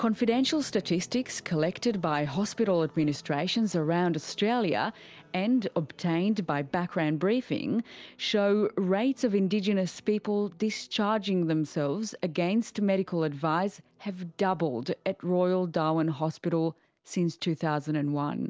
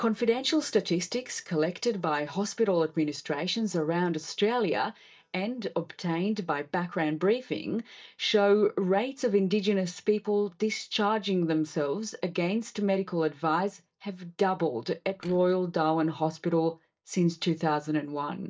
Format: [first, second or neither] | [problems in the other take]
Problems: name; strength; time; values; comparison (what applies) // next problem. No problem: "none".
first | noise reduction (neural mask model DeepFilterNet 3)